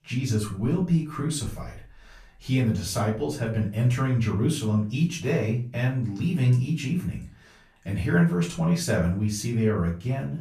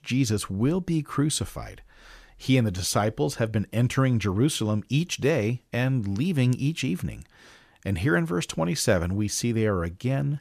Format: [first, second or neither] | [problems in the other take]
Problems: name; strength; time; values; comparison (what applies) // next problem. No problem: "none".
second | off-mic speech; far // room echo; slight; dies away in 0.3 s